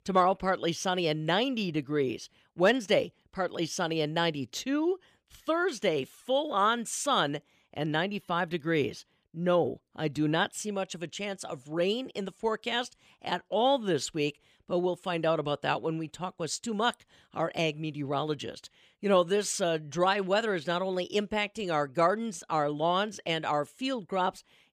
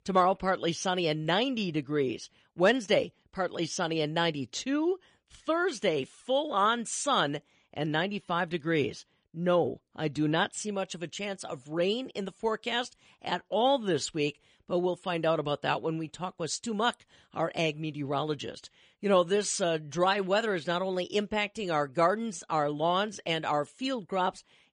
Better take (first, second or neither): first